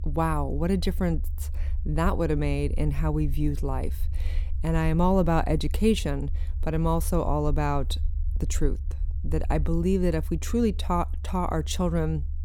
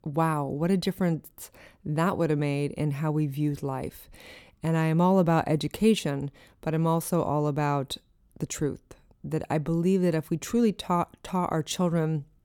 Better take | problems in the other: second | low rumble; faint; throughout; 20 dB below the speech

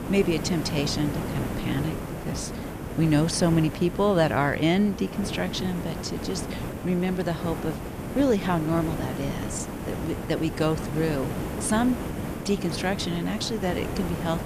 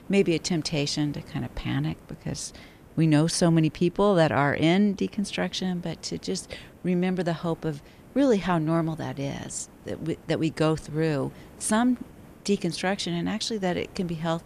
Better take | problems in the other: second | hiss; loud; throughout; 6 dB below the speech; faint in the second

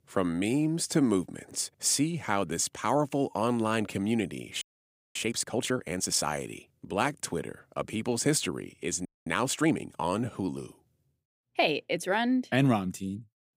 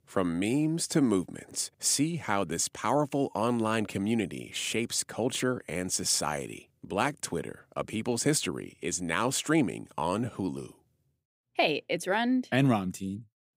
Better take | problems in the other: second | audio freezing; at 4.5 s for 0.5 s and at 9 s

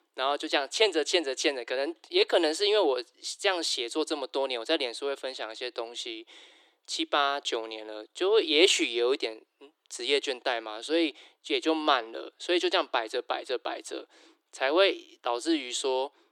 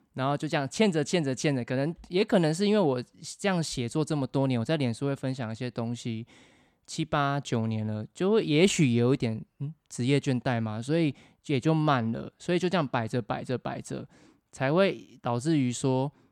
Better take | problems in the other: second | thin; very; fading below 300 Hz

